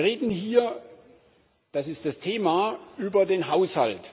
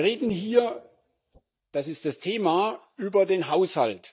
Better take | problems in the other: first | noise reduction (neural mask model DeepFilterNet 3)

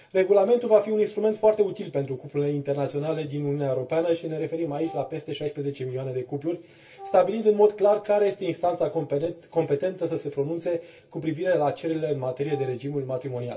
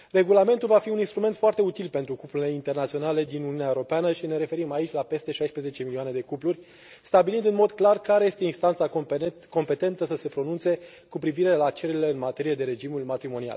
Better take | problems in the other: second | background sound (Wind instrument, woodwind instrument); 19 dB below the speech // room echo; dies away in 0.2 s

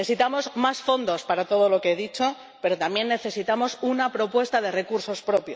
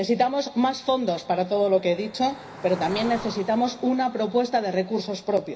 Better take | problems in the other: first | background sound (Cricket); 18 dB below the speech // room echo; dies away in 0.5 s

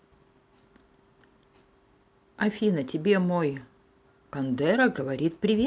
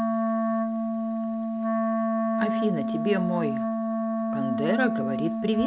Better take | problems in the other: first | background sound (Wind instrument, woodwind instrument); 4 dB above the speech

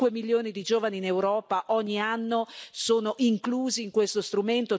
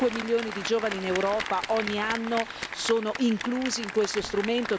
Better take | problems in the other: first | background sound (Applause); 8 dB below the speech

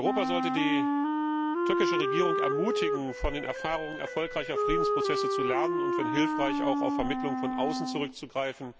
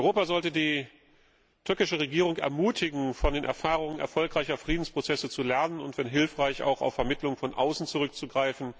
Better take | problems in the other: second | background sound (Wind instrument, woodwind instrument); 3 dB above the speech

